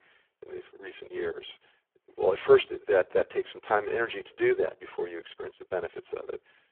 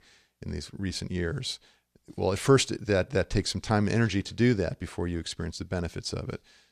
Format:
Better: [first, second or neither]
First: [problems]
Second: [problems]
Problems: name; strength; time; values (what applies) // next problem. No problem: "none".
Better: second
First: phone-call audio; poor line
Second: none